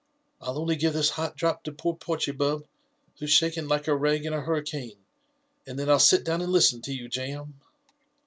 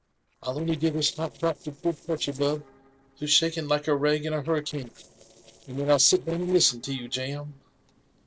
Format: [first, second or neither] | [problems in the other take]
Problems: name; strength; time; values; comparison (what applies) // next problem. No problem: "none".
first | noise reduction (neural separator model SepFormer DNS4)